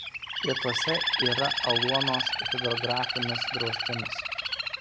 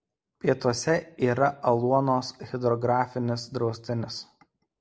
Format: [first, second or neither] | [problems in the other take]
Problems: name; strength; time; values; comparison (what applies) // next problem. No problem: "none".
second | background sound (Bird); 3 dB above the speech